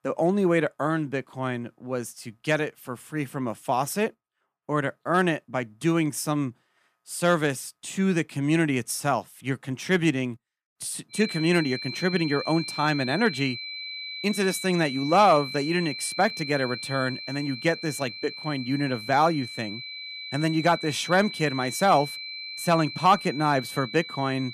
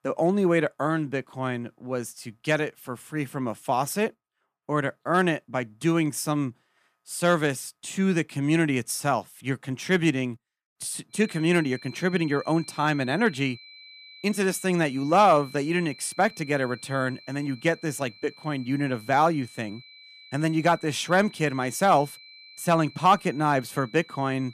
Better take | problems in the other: second | high-pitched whine; loud; from 11 s on; 4 kHz, 9 dB below the speech; faint in the second

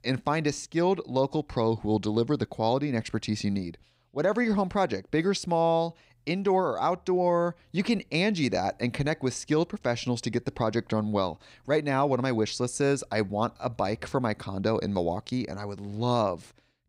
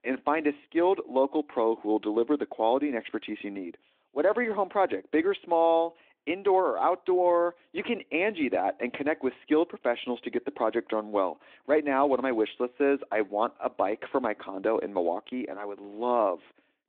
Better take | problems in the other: first | phone-call audio; nothing above 3.5 kHz

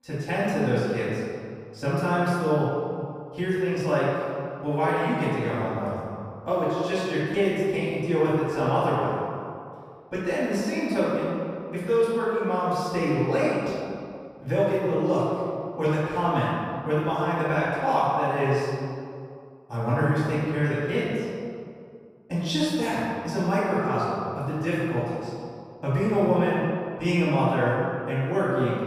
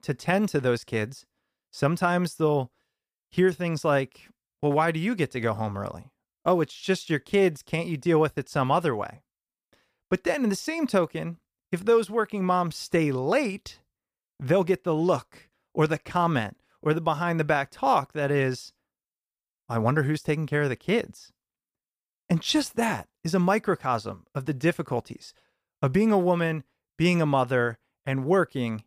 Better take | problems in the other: second | off-mic speech; far // room echo; strong; dies away in 2.1 s

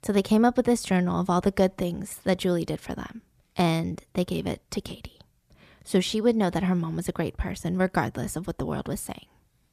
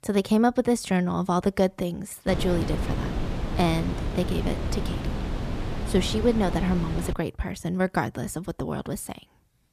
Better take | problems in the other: first | wind noise on the microphone; heavy; from 2.5 to 7 s; 7 dB below the speech

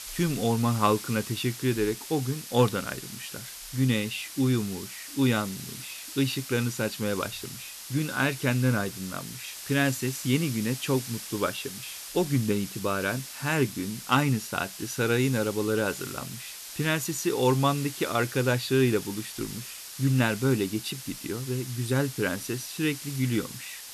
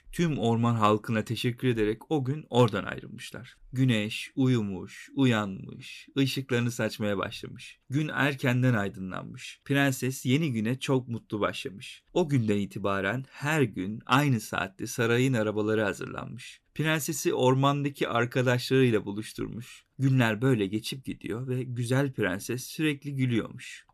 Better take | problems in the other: second | hiss; noticeable; throughout; 10 dB below the speech

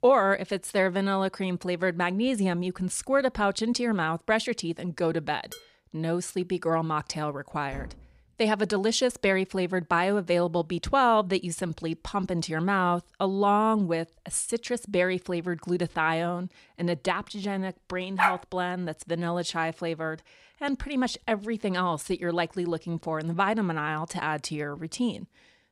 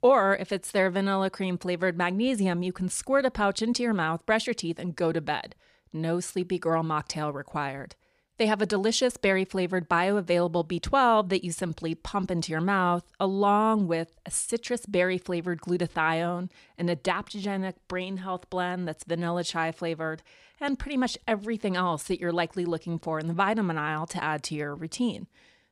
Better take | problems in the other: second | clattering dishes; faint; at 5.5 s; peak 15 dB below the speech // door banging; faint; at 7.5 s; peak 15 dB below the speech // dog barking; loud; at 18 s; peak 2 dB above the speech

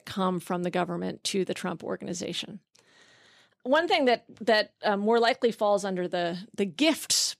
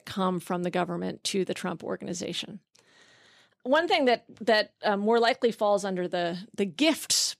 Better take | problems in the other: neither | none

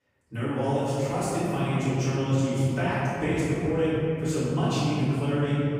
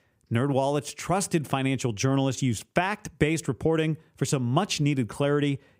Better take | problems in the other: second | off-mic speech; far // room echo; strong; dies away in 3 s

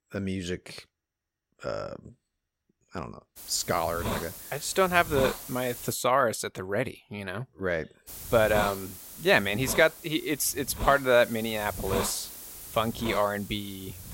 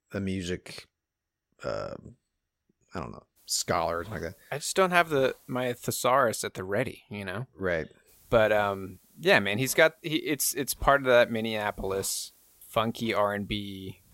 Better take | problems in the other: second | hiss; loud; from 3.5 to 6 s and from 8 s on; 10 dB below the speech; faint in the second

